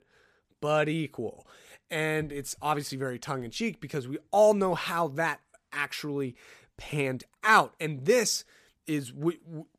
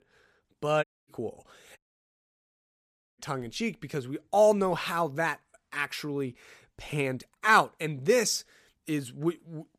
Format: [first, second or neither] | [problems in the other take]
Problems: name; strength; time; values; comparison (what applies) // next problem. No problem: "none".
first | audio cutting out; at 1 s and at 2 s for 1.5 s